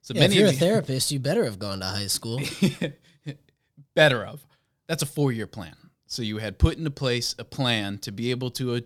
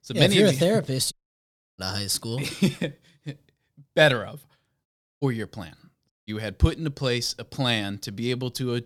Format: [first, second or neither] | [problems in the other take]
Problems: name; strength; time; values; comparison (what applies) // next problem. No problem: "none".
first | audio cutting out; at 1 s for 0.5 s, at 5 s and at 6 s